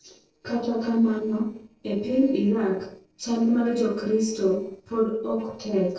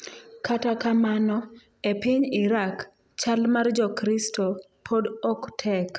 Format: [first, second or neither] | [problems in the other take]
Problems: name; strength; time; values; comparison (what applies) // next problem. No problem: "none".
second | noise reduction (neural separator model SepFormer DNS4)